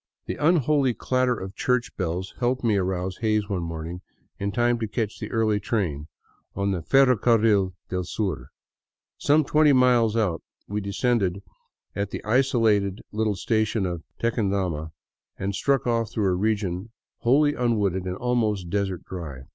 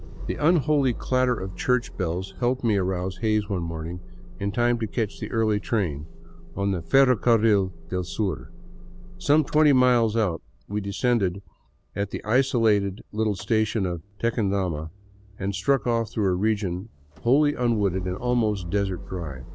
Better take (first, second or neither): first